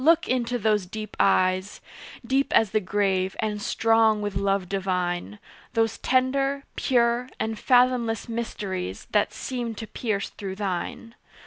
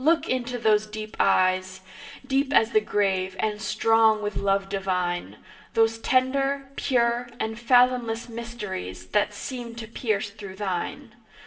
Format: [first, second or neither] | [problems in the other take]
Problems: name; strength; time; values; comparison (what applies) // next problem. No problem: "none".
first | room echo; dies away in 0.8 s